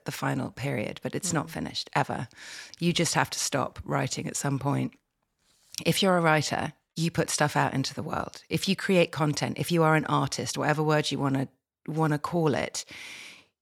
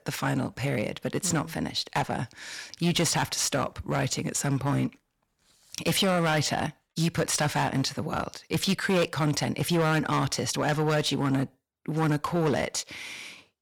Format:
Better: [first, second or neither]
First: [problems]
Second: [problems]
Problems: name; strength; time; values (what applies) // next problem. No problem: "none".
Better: first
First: none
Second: distortion; heavy; 8% of the sound clipped